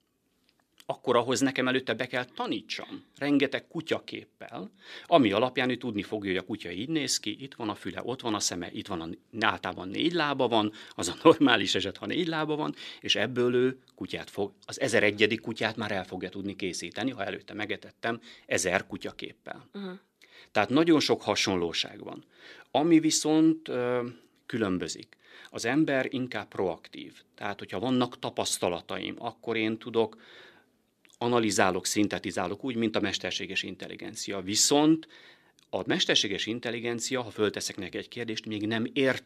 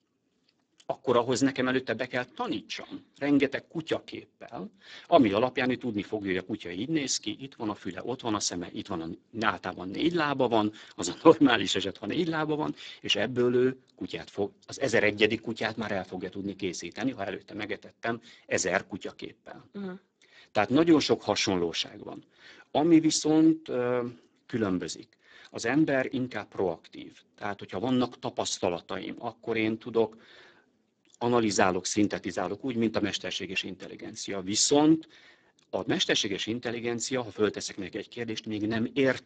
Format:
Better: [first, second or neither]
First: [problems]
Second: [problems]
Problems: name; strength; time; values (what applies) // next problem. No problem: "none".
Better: first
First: none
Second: garbled, watery; badly; nothing above 7.5 kHz